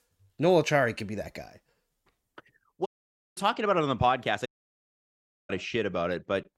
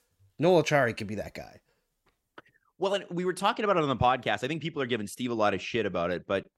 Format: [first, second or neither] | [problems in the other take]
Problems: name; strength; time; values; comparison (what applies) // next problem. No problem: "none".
second | audio cutting out; at 3 s for 0.5 s and at 4.5 s for 1 s